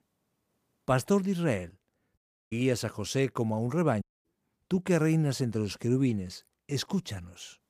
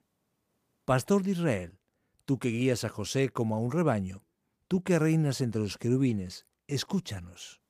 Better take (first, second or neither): second